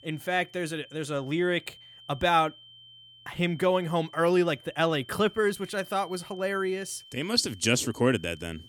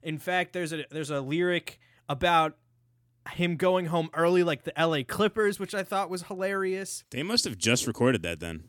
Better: second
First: high-pitched whine; faint; throughout; 3 kHz, 20 dB below the speech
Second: none

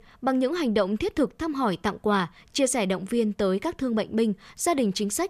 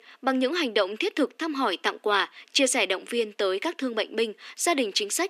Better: first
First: none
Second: thin; very slightly; fading below 250 Hz

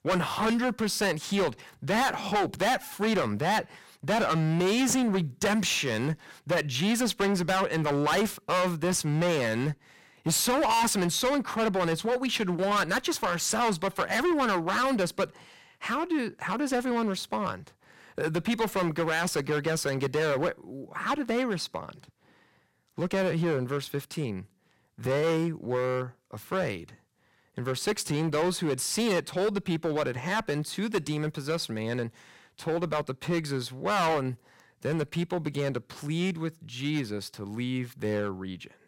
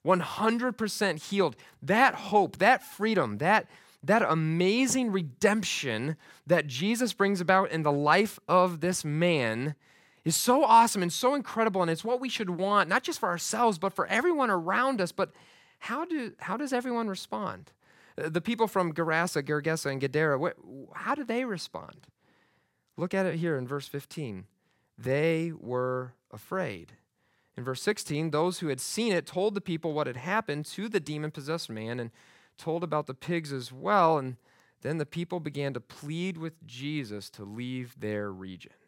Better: second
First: distortion; heavy; 13% of the sound clipped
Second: none

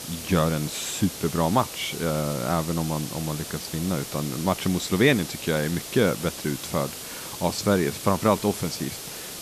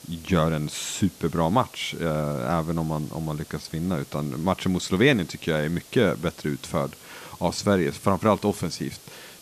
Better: second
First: hiss; loud; throughout; 9 dB below the speech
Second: hiss; faint; throughout; 20 dB below the speech

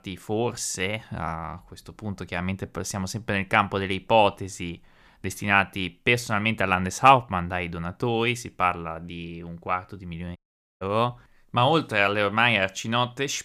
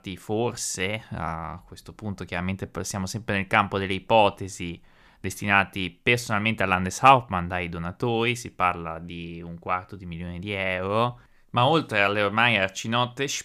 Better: second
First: audio cutting out; at 10 s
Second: none

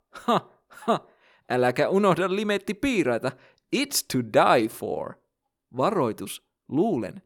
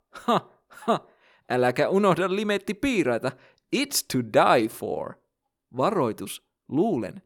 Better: neither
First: none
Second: none

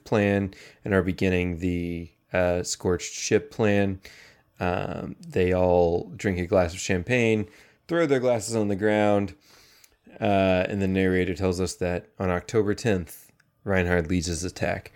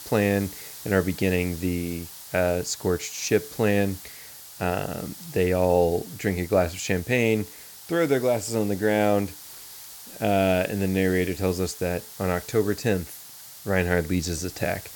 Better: first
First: none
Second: hiss; noticeable; throughout; 15 dB below the speech

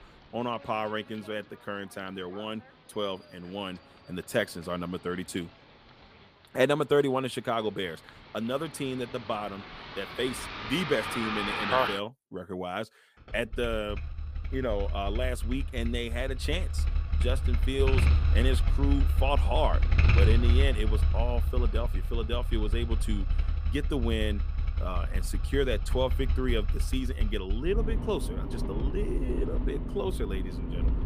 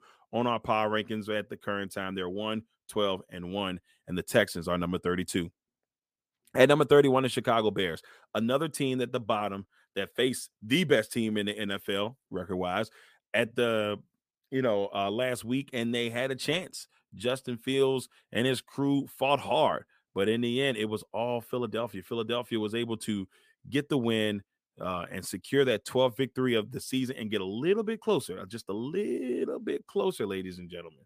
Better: second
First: traffic noise; very loud; throughout; 3 dB above the speech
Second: none

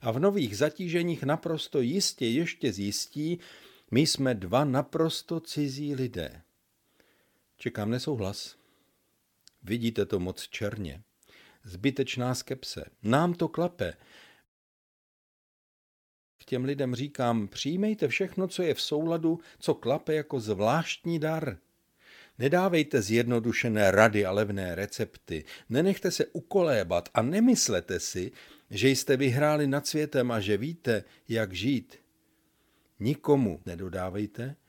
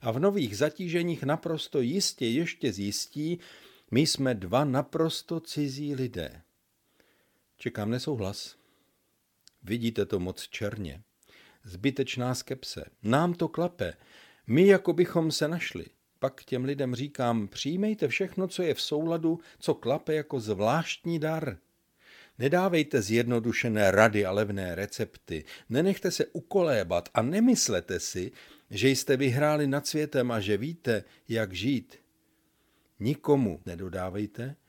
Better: second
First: audio cutting out; at 14 s for 2 s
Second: none

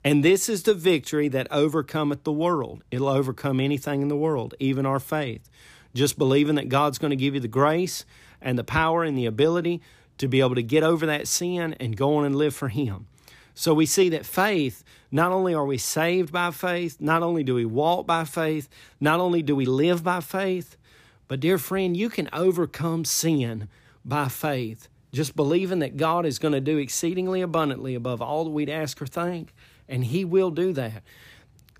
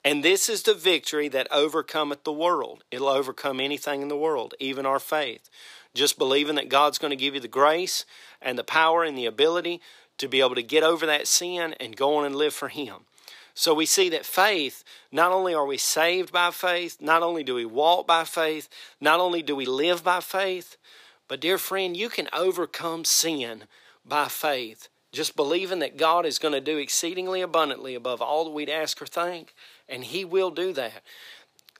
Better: first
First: none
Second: thin; somewhat; fading below 550 Hz

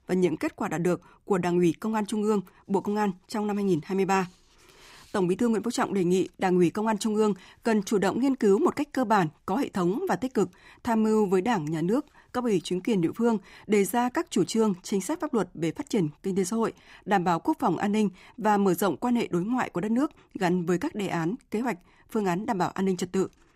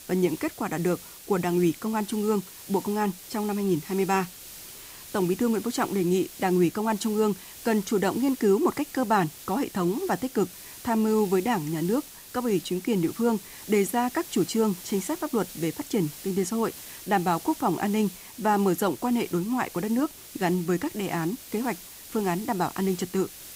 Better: first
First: none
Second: hiss; noticeable; throughout; 15 dB below the speech

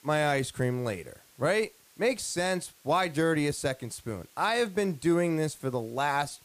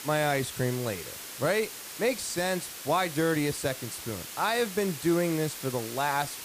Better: first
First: hiss; faint; throughout; 25 dB below the speech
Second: hiss; loud; throughout; 9 dB below the speech

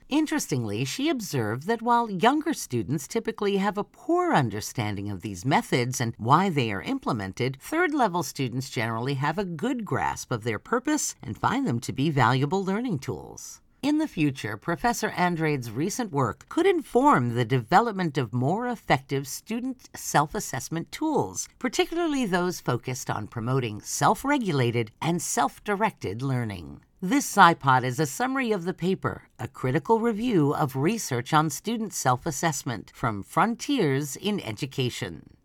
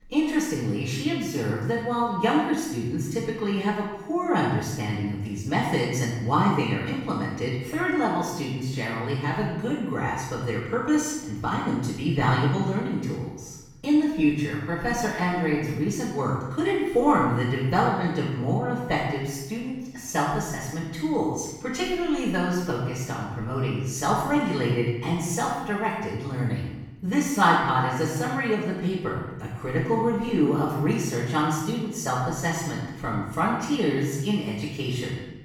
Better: first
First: none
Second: off-mic speech; far // room echo; strong; dies away in 0.9 s

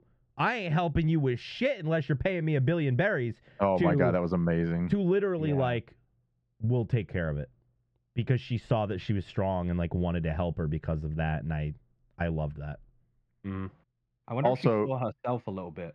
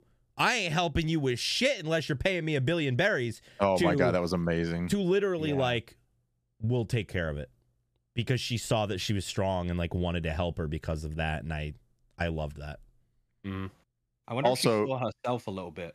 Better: second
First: muffled; very; fading above 2 kHz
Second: none

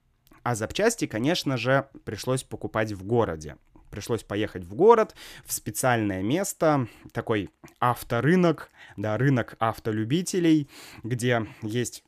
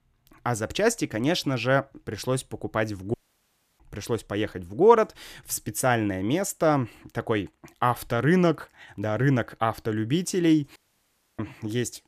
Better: first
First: none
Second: audio cutting out; at 3 s for 0.5 s and at 11 s for 0.5 s

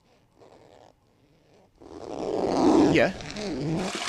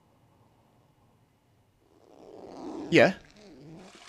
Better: second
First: household noises; loud; throughout; as loud as the speech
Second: household noises; faint; throughout; 25 dB below the speech

